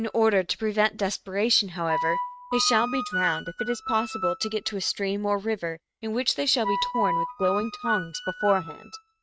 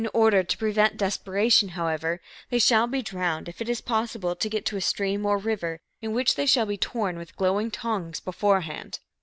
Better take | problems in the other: second | noise reduction (neural mask model RNNoise)

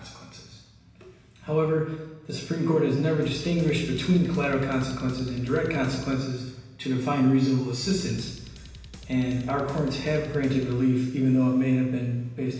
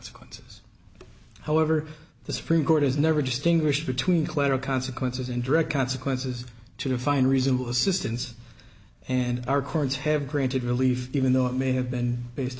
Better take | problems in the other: second | background sound (Drum kit); 18 dB below the speech // room echo; dies away in 0.9 s

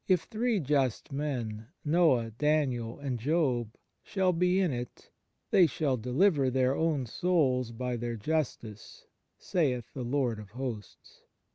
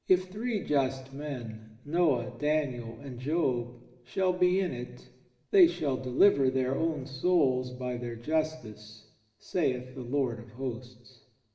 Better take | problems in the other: first | room echo; dies away in 0.9 s

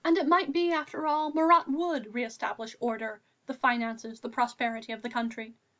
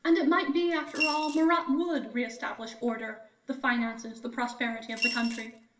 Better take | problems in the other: first | background sound (Coin (dropping) / Glass); 5 dB below the speech // room echo; dies away in 0.6 s

